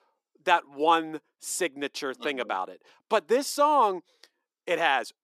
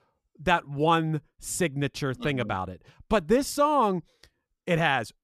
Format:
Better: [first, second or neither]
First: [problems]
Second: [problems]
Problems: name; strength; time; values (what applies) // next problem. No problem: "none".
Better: second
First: thin; somewhat; fading below 300 Hz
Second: none